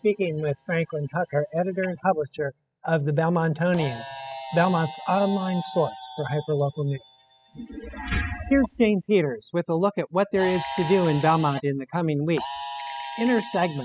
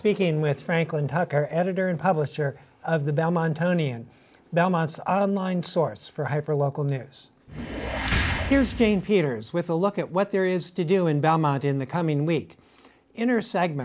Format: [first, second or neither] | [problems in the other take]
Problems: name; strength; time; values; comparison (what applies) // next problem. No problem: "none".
second | noise reduction (classical method spectral subtraction)